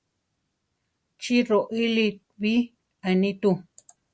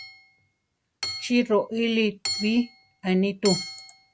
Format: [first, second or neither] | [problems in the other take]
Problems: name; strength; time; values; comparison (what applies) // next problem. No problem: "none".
first | background sound (Hammer / Chink, clink); 10 dB below the speech